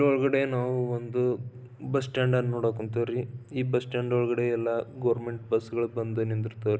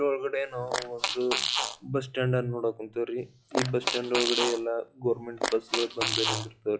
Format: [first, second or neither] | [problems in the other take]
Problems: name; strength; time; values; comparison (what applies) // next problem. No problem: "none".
first | noise reduction (classical method log-MMSE)